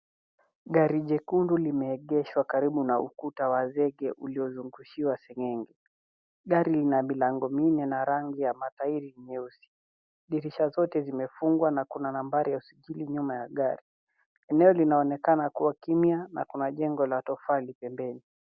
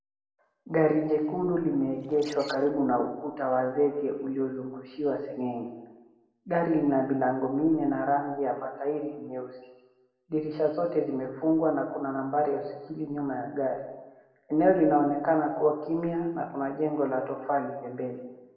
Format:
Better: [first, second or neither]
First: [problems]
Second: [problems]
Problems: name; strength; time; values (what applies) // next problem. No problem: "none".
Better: first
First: none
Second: background sound (Bird); 19 dB below the speech // room echo; dies away in 1.1 s